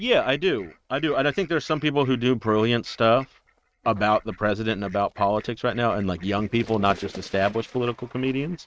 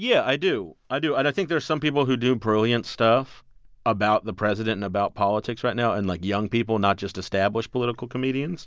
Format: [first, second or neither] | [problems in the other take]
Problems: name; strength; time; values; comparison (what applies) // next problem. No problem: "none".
second | noise reduction (neural mask model RNNoise)